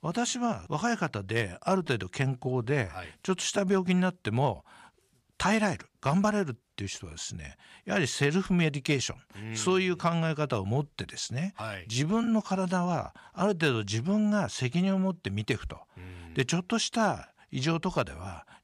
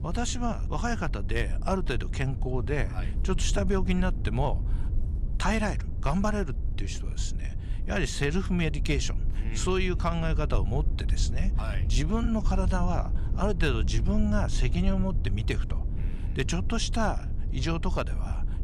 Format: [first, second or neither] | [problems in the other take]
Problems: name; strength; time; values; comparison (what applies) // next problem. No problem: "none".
first | low rumble; noticeable; throughout; 15 dB below the speech